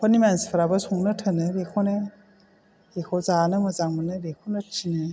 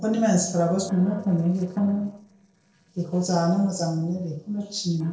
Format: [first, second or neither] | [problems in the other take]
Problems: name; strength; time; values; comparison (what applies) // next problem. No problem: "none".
first | noise reduction (neural separator model SepFormer DNS4)